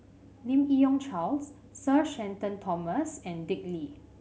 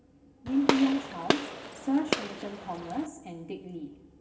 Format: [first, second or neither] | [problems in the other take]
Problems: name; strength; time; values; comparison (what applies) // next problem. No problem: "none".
first | background sound (Gunshot, gunfire); 1 dB below the speech // room echo; dies away in 1 s